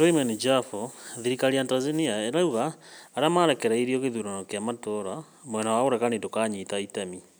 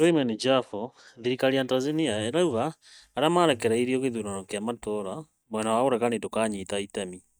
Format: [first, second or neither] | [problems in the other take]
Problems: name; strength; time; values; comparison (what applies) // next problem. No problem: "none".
first | noise reduction (neural mask model DeepFilterNet 3)